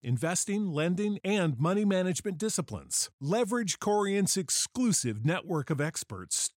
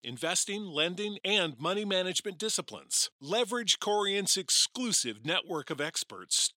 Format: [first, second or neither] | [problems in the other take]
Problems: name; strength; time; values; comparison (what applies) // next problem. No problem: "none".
first | thin; somewhat; fading below 300 Hz